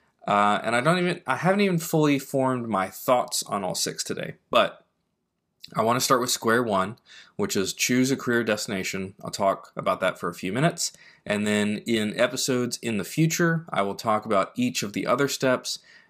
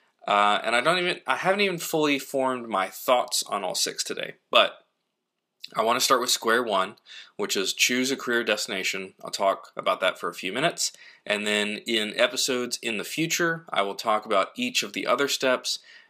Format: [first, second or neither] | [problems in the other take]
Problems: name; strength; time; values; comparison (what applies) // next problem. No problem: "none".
first | thin; very slightly; fading below 300 Hz